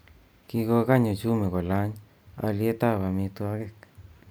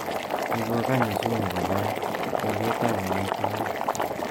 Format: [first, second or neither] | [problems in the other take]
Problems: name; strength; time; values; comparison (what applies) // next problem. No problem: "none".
first | background sound (Boiling); 3 dB above the speech